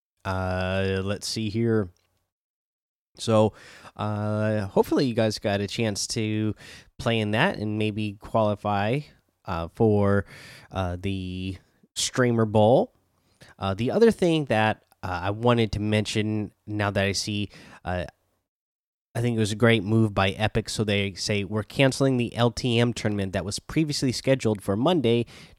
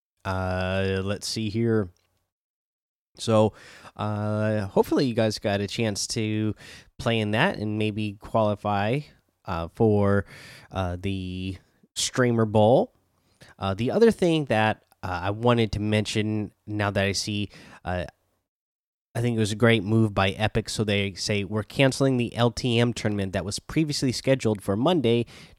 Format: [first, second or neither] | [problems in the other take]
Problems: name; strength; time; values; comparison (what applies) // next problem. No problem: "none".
neither | none